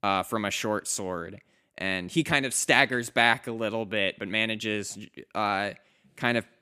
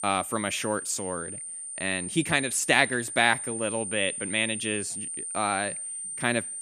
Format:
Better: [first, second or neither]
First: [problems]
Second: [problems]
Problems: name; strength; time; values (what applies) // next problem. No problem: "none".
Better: first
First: none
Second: high-pitched whine; loud; throughout; 9 kHz, 6 dB below the speech